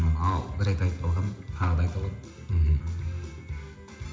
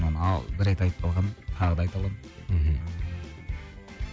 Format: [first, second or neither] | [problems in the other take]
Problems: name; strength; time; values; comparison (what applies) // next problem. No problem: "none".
second | room echo; dies away in 0.8 s